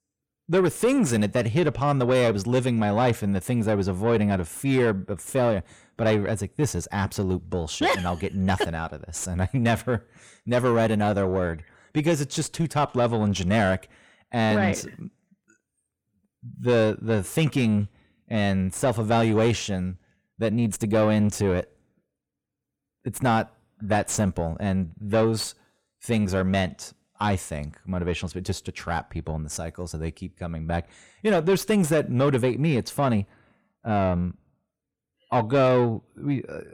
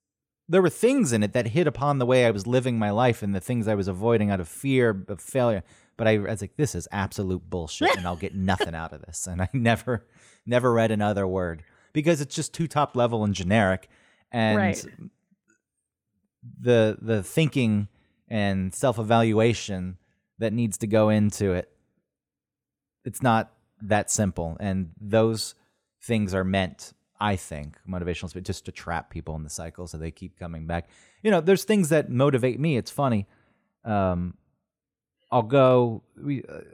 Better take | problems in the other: second | distortion; slight; 10 dB below the speech

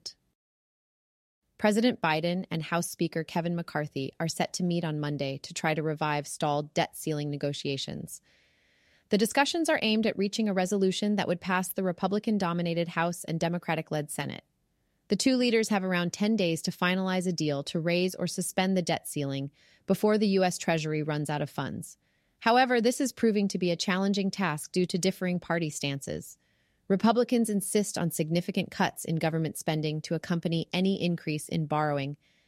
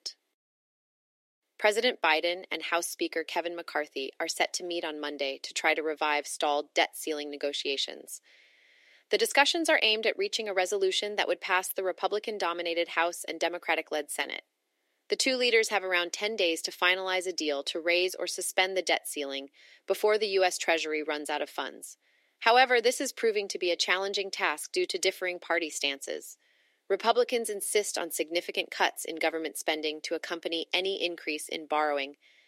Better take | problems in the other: first | thin; very; fading below 300 Hz

